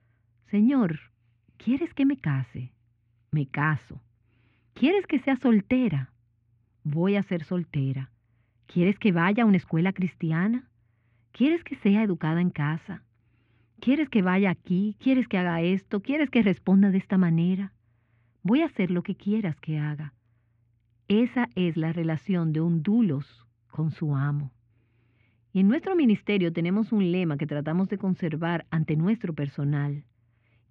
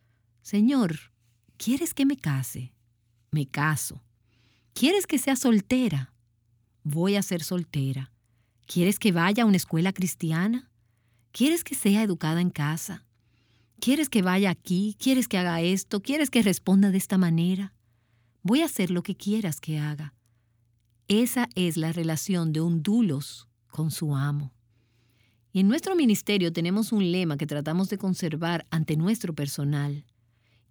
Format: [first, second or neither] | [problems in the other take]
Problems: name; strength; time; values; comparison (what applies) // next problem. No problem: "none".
second | muffled; very; fading above 2.5 kHz